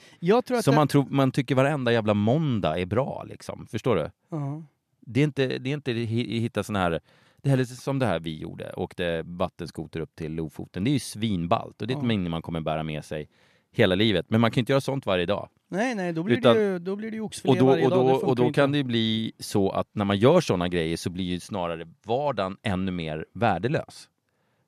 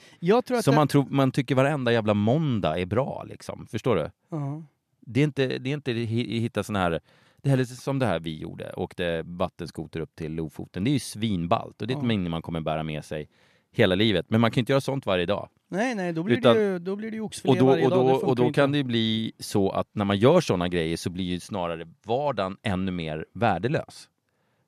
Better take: neither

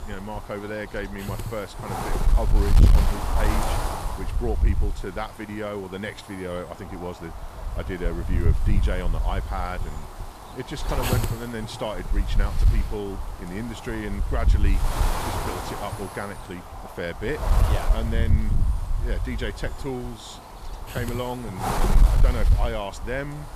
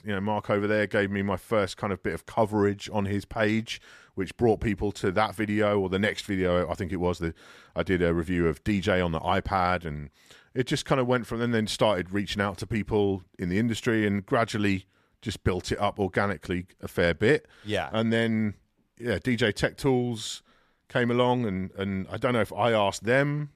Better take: second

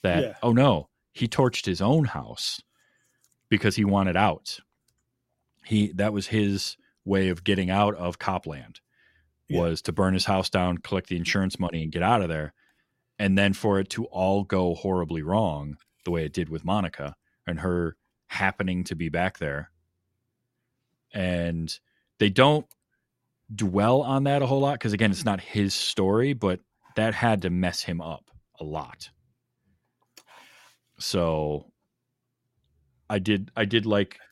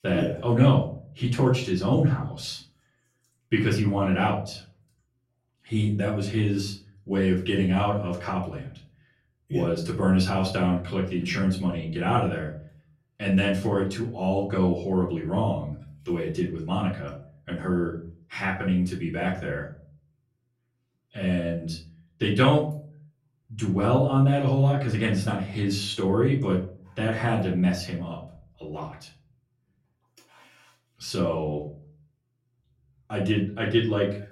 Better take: first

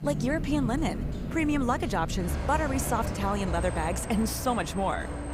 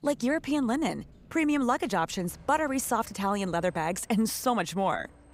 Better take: second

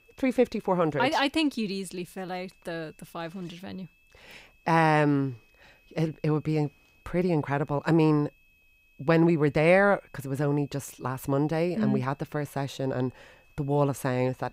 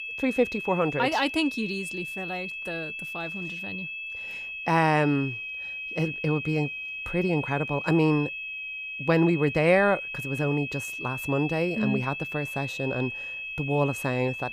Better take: first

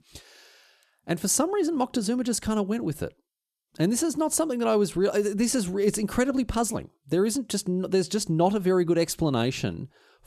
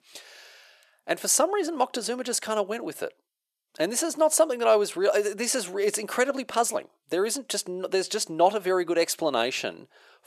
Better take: first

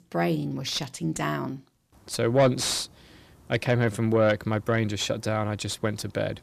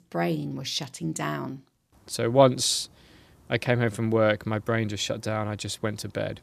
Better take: second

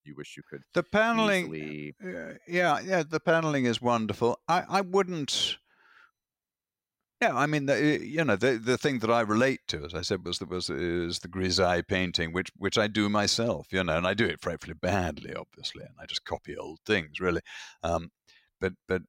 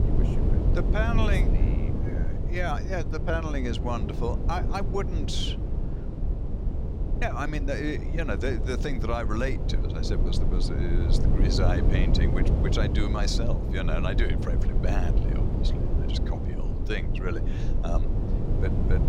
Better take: first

